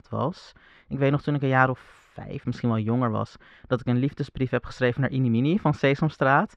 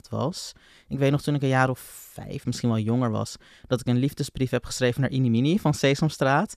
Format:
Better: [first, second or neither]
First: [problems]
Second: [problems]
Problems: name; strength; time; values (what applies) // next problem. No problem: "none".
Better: second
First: muffled; very; fading above 2.5 kHz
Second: none